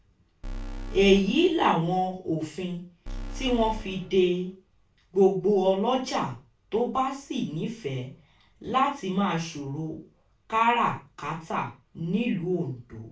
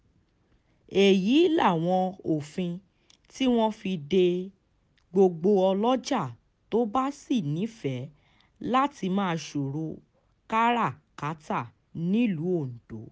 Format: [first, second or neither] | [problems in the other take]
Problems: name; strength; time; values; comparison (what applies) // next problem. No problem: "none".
second | background sound (Alarm); 9 dB below the speech // room echo; dies away in 0.3 s